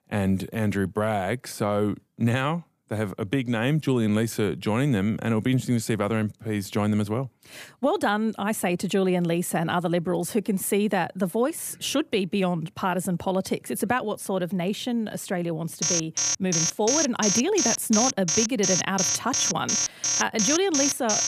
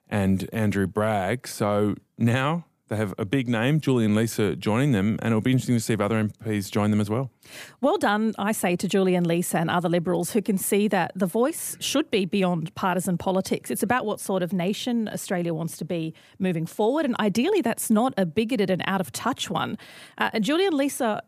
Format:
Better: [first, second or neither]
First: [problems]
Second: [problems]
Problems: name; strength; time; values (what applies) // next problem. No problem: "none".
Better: second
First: alarm; loud; from 16 s on; peak 3 dB above the speech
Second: none